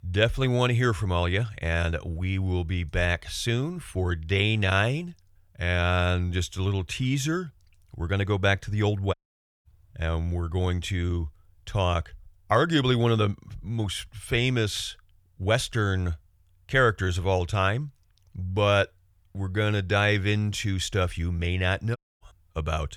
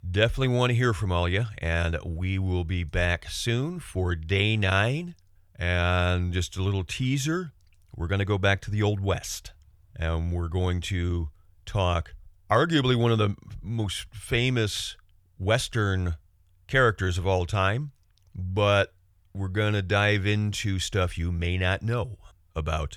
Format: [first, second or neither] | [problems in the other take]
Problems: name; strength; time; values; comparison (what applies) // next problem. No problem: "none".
second | audio cutting out; at 9 s for 0.5 s and at 22 s